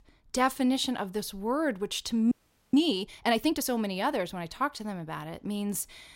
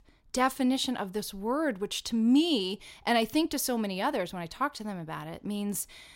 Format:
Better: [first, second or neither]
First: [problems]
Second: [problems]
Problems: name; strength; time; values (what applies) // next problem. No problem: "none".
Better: second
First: audio freezing; at 2.5 s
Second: none